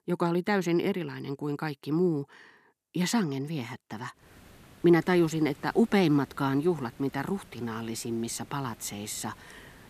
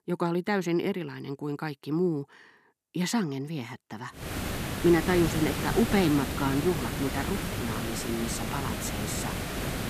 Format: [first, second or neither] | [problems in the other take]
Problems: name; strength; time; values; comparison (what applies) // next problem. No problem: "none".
first | hiss; loud; from 4 s on; 3 dB below the speech; faint in the first